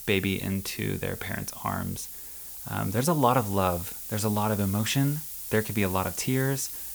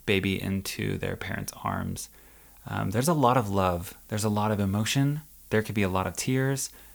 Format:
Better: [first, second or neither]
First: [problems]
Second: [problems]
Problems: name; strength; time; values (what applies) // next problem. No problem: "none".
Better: second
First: hiss; loud; throughout; 8 dB below the speech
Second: hiss; faint; throughout; 25 dB below the speech